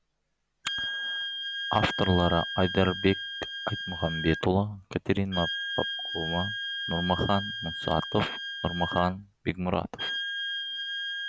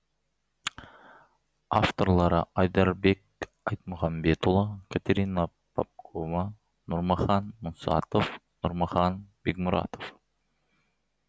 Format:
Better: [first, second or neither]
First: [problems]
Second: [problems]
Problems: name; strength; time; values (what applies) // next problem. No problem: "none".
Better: second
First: background sound (Wind instrument, woodwind instrument); 5 dB below the speech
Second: none